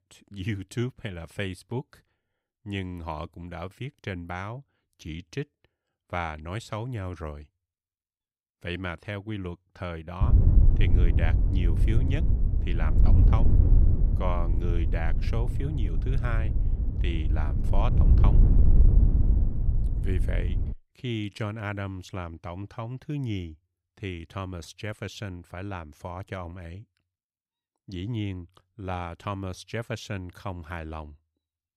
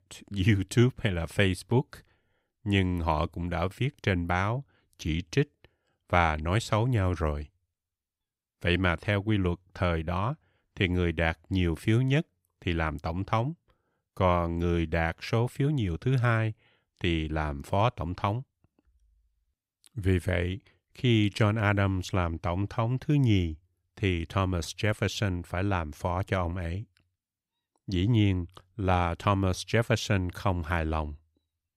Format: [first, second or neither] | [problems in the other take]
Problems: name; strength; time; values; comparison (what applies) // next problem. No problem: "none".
second | wind noise on the microphone; heavy; from 10 to 21 s; 3 dB below the speech